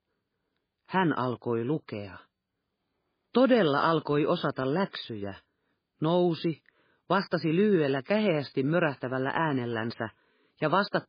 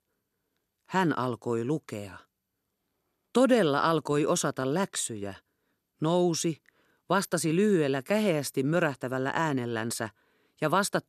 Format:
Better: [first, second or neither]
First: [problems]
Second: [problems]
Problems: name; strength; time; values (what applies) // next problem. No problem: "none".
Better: second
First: garbled, watery; badly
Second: none